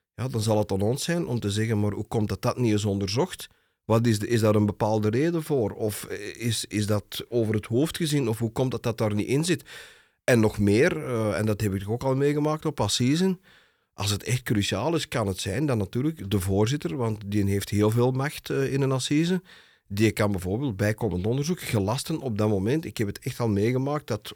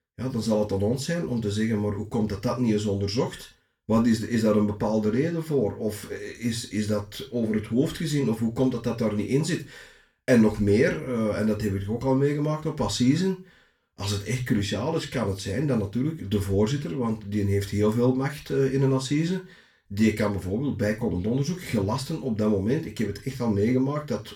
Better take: first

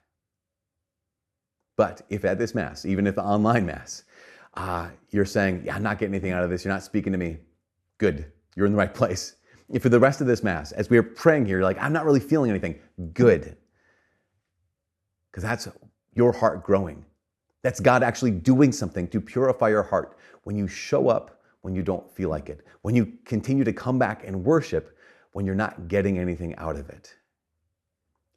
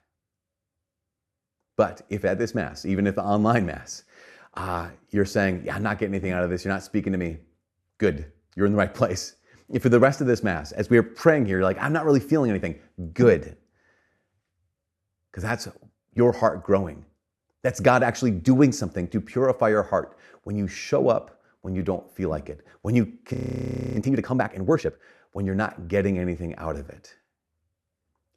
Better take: first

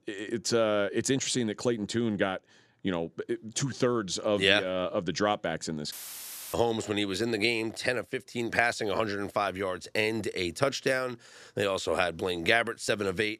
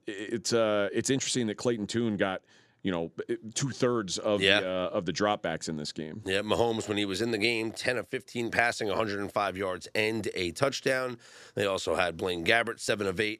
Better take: second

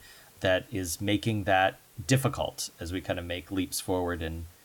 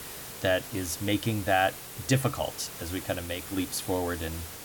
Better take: first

